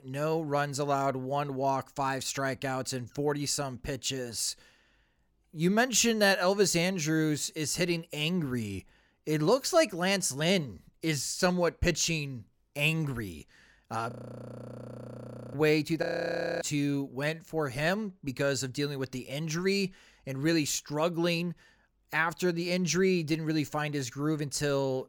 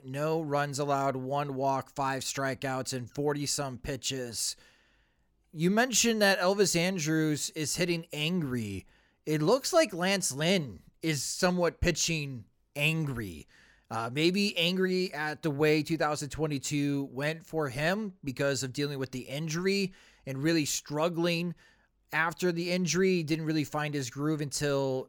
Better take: second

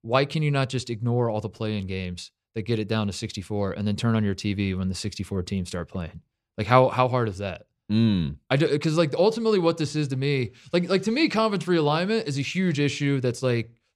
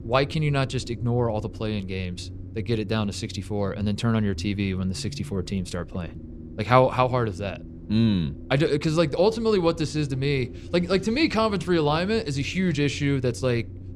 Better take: first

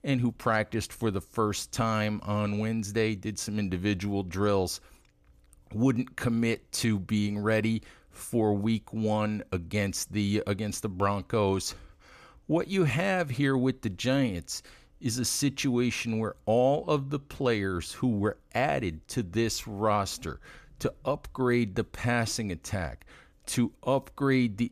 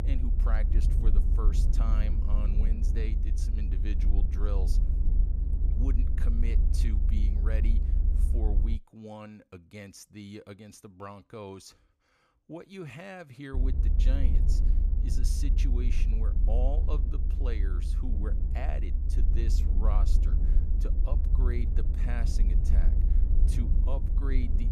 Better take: first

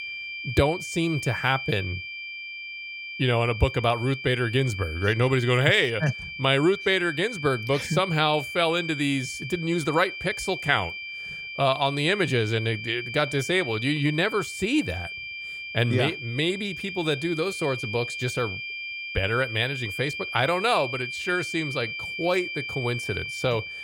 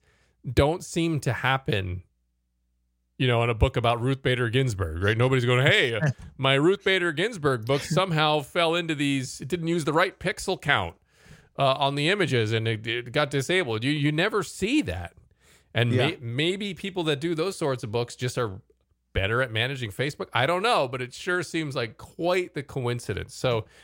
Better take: second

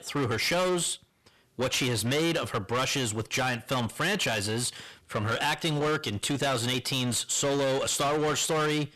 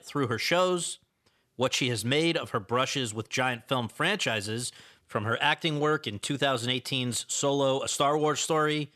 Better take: second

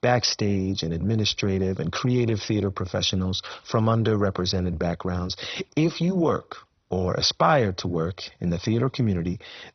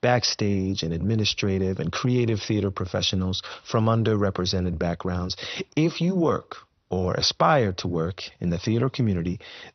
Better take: second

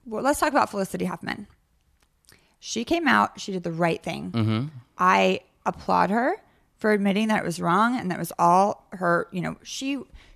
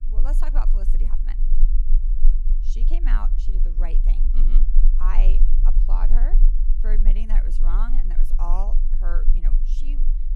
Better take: first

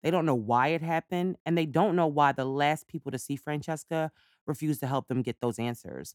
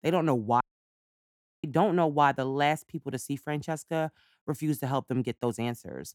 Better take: first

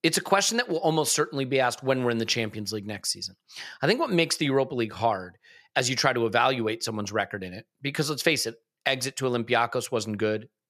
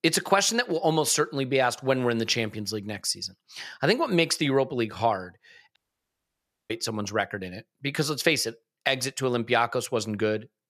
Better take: first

